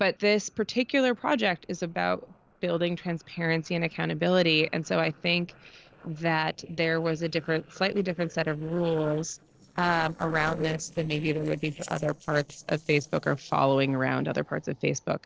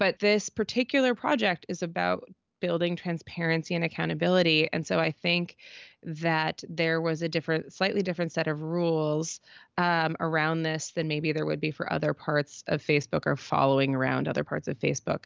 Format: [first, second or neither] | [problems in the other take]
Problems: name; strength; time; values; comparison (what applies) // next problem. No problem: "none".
second | noise reduction (neural separator model SepFormer DNS4)